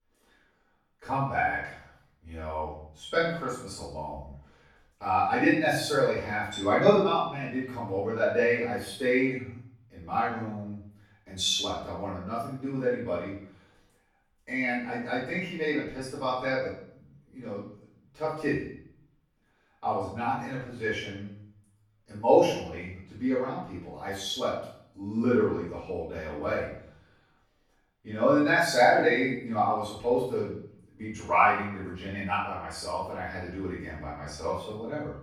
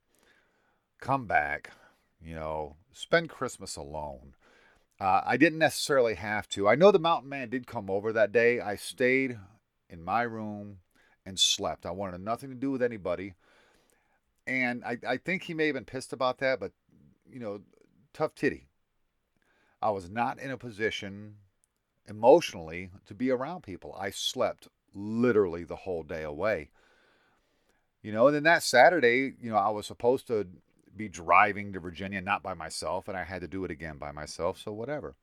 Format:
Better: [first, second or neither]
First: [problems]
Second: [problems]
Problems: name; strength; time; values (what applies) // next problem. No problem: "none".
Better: second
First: off-mic speech; far // room echo; noticeable; dies away in 0.6 s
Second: none